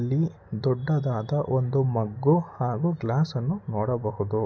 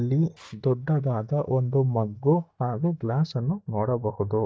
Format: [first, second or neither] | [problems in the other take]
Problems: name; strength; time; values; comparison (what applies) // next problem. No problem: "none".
first | noise reduction (neural mask model DeepFilterNet 3)